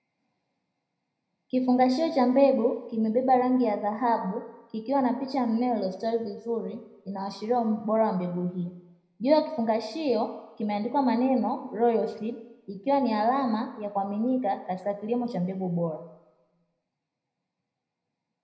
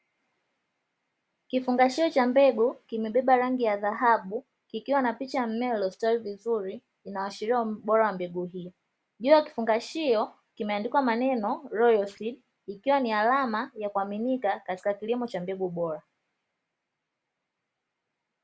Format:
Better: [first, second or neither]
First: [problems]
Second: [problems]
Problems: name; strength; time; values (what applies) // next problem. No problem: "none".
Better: second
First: room echo; dies away in 0.8 s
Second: none